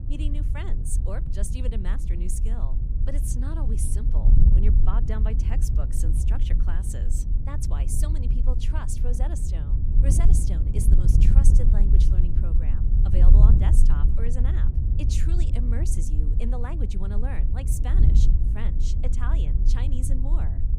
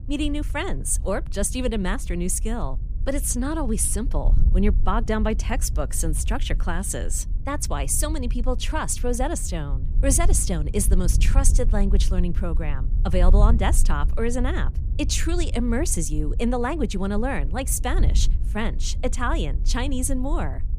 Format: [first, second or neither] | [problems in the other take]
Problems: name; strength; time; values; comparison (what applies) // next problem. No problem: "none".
second | wind noise on the microphone; heavy; 1 dB below the speech; occasional gusts in the second